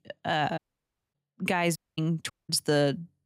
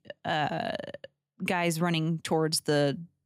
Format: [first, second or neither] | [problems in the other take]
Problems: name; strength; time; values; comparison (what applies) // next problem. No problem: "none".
second | audio cutting out; at 0.5 s for 0.5 s, at 2 s and at 2.5 s